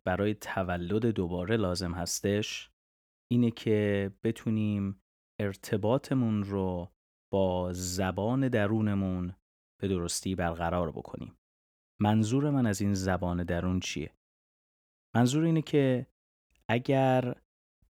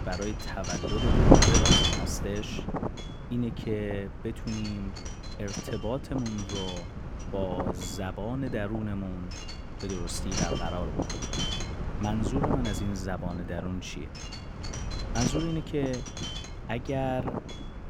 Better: first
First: none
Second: wind noise on the microphone; heavy; 5 dB above the speech

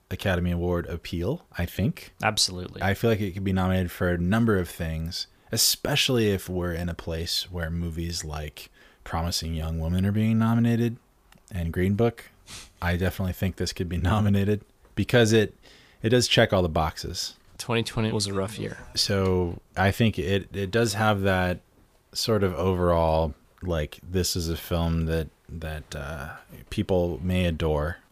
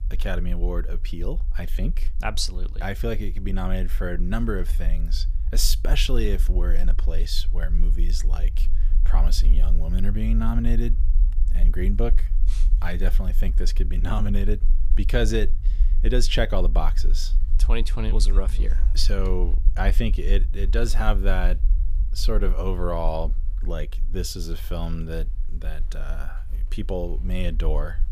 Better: first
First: none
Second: low rumble; noticeable; throughout; 20 dB below the speech

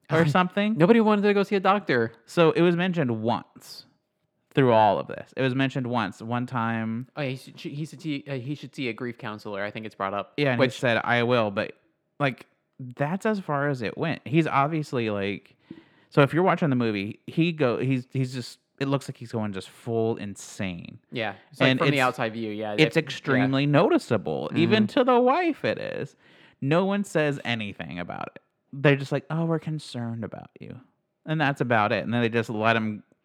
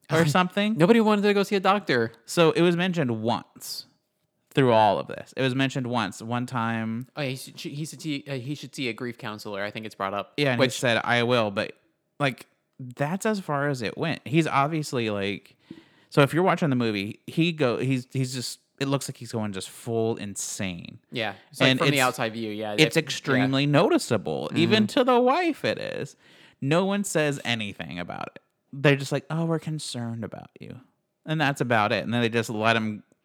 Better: second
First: muffled; very slightly; fading above 4 kHz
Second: none

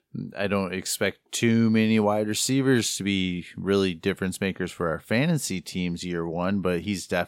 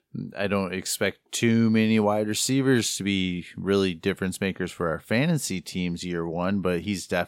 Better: neither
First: none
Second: none

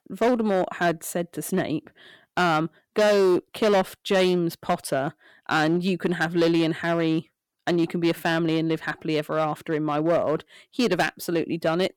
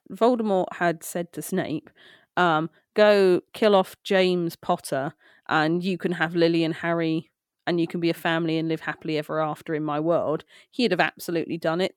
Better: second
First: distortion; slight; 6% of the sound clipped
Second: none

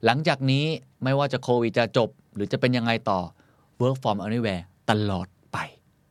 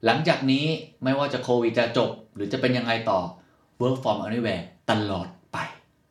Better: first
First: none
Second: room echo; slight; dies away in 0.4 s // off-mic speech; somewhat distant

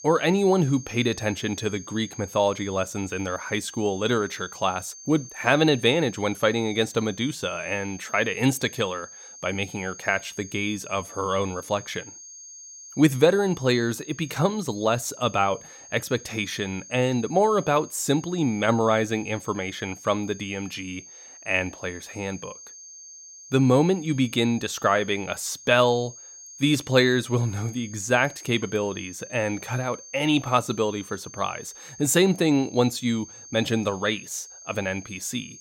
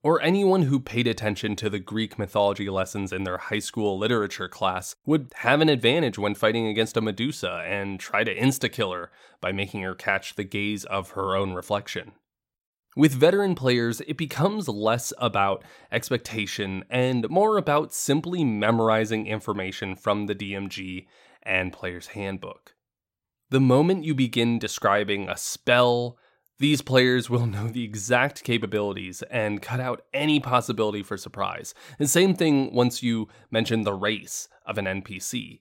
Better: second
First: high-pitched whine; noticeable; throughout; 6.5 kHz, 15 dB below the speech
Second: none

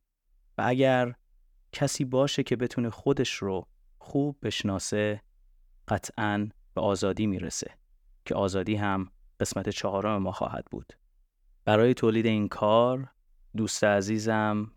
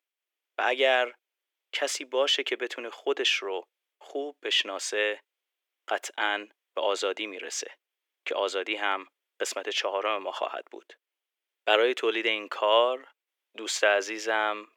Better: first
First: none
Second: thin; very; fading below 350 Hz

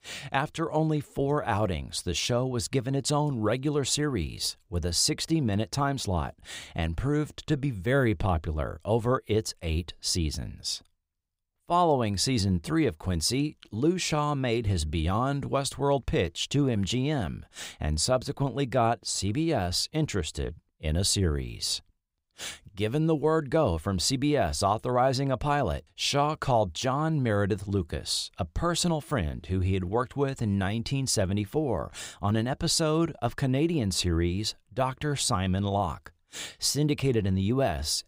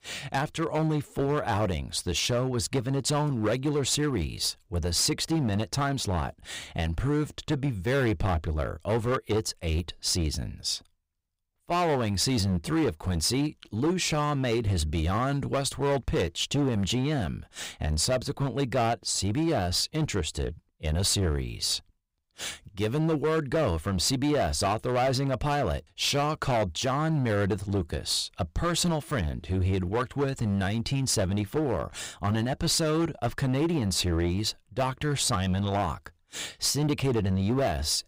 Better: first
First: none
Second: distortion; slight; 10% of the sound clipped

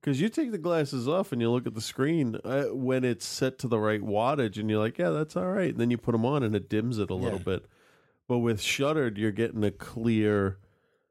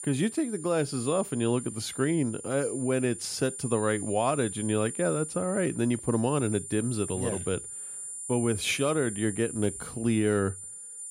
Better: first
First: none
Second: high-pitched whine; loud; throughout; 9.5 kHz, 8 dB below the speech

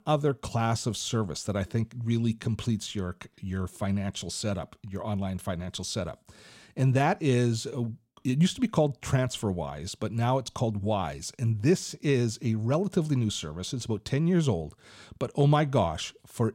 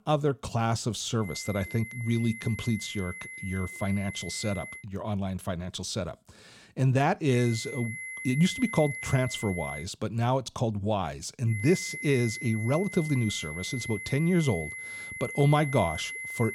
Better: first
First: none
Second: high-pitched whine; loud; from 1 to 5 s, from 7.5 to 10 s and from 12 s on; 2 kHz, 8 dB below the speech

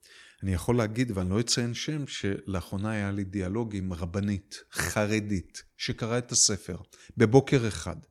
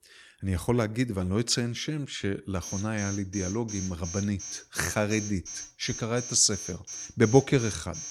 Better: first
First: none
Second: alarm; noticeable; from 2.5 s on; peak 9 dB below the speech

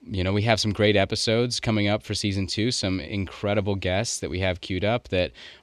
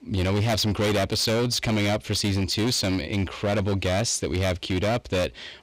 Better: first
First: none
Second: distortion; heavy; 25% of the sound clipped

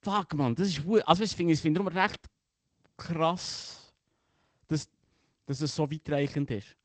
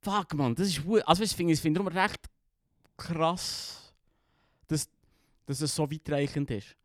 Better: second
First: garbled, watery; slightly; nothing above 8 kHz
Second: none

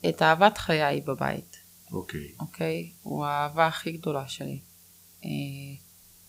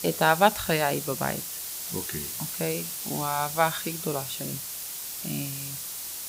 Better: first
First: hiss; faint; throughout; 25 dB below the speech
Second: hiss; loud; throughout; 4 dB below the speech

